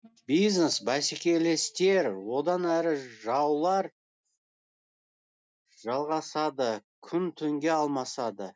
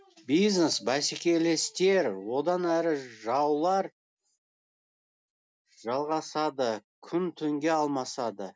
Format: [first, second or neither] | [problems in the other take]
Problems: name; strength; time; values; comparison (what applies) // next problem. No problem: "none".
second | noise reduction (neural mask model DeepFilterNet 3)